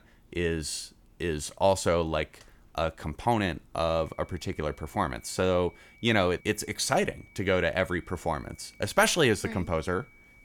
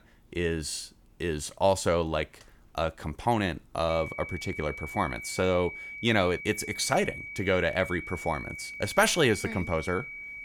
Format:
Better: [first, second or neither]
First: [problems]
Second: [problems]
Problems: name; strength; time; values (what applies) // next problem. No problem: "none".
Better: first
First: high-pitched whine; faint; from 4 s on; 2.5 kHz, 25 dB below the speech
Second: high-pitched whine; loud; from 4 s on; 2.5 kHz, 10 dB below the speech